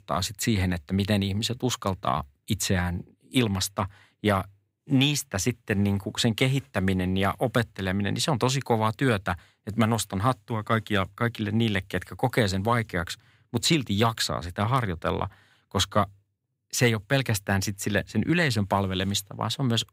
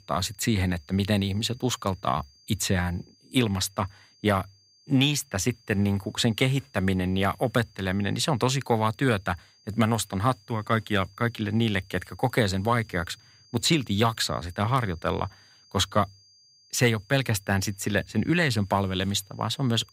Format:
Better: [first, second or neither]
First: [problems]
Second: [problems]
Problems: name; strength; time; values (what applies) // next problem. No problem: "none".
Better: first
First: none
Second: high-pitched whine; faint; throughout; 4.5 kHz, 30 dB below the speech